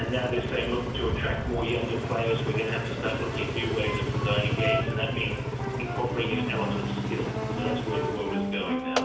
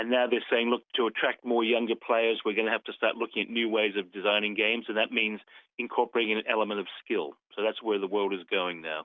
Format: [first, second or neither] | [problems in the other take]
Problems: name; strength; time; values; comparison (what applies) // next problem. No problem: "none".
second | background sound (Engine); 2 dB above the speech // room echo; dies away in 0.5 s